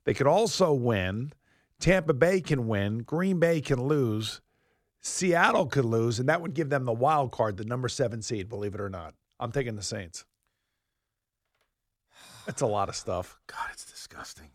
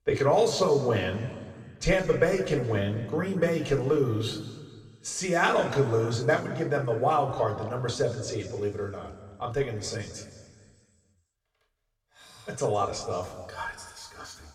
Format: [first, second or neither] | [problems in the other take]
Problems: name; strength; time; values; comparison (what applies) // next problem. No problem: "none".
first | room echo; slight; dies away in 1.6 s // off-mic speech; somewhat distant